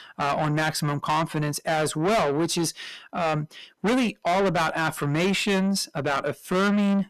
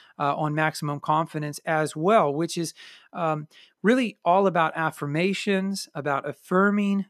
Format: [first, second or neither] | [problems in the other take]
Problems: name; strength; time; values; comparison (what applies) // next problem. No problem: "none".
second | distortion; heavy; 5 dB below the speech